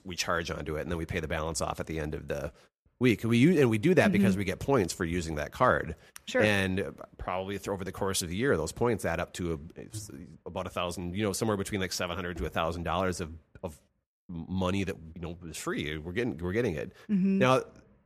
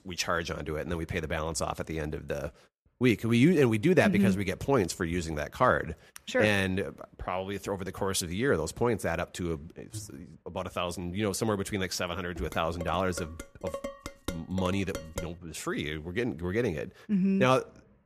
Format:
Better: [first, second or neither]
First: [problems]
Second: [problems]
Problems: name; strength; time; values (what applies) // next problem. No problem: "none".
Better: first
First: none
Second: clattering dishes; noticeable; from 13 to 15 s; peak 9 dB below the speech